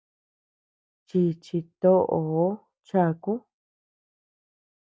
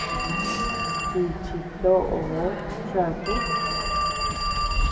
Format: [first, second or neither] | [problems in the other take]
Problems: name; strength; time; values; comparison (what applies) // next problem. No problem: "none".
first | background sound (Telephone); 2 dB above the speech // room echo; dies away in 2 s